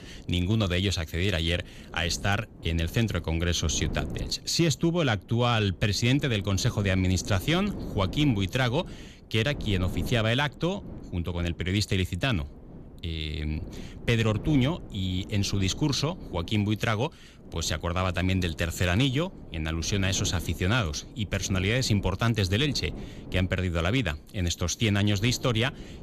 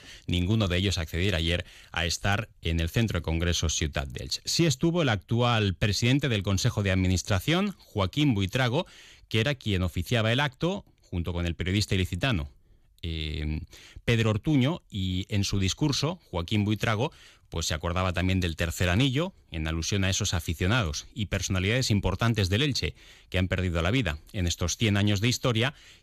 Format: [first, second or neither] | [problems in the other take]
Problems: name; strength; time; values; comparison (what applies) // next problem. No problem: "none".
second | wind noise on the microphone; occasional gusts; 20 dB below the speech